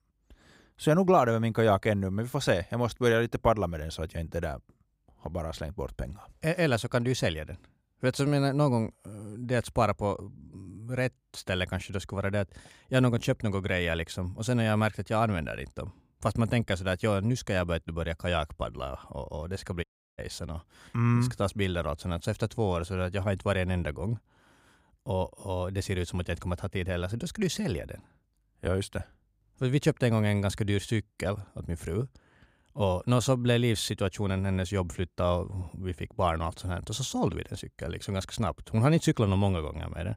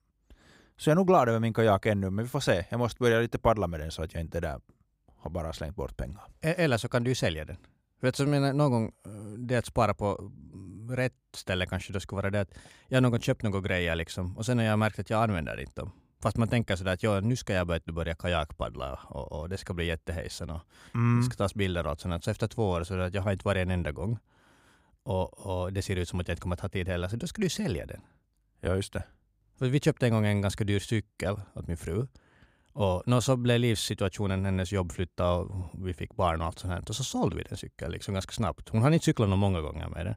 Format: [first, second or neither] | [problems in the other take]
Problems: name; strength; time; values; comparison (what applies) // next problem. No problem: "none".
second | audio cutting out; at 20 s